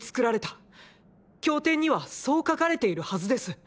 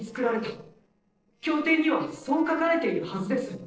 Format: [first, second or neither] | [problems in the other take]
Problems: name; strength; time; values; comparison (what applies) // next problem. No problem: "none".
first | noise reduction (neural separator model SepFormer DNS4)